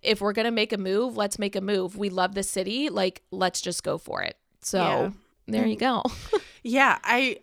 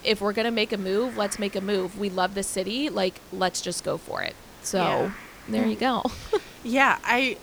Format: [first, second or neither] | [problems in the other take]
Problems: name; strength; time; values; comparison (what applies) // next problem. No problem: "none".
first | hiss; noticeable; throughout; 20 dB below the speech